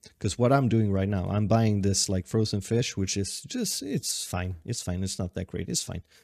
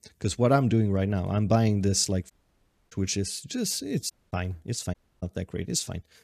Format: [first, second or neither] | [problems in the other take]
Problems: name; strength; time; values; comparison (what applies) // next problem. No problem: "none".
first | audio cutting out; at 2.5 s for 0.5 s, at 4 s and at 5 s